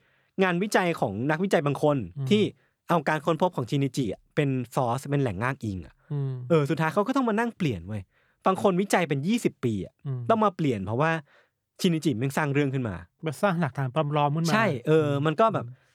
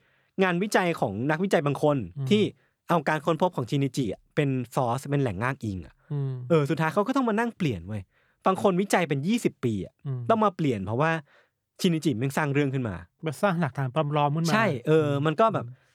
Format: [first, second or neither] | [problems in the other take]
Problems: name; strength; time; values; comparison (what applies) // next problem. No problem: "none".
neither | none